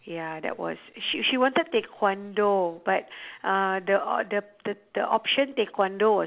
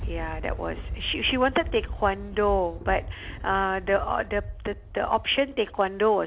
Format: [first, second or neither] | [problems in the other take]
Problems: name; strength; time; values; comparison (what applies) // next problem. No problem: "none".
first | background sound (Thunder); 9 dB below the speech